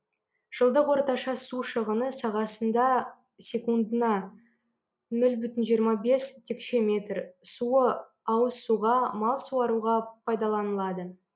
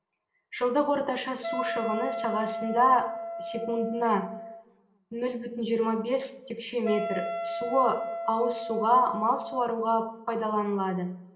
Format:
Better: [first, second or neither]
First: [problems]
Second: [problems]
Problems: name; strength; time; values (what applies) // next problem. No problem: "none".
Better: first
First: none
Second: background sound (Wind instrument, woodwind instrument); 6 dB below the speech // room echo; dies away in 0.6 s